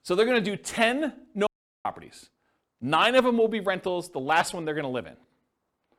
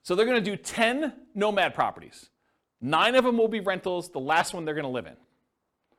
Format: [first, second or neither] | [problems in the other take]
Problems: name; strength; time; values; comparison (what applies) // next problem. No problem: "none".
second | audio cutting out; at 1.5 s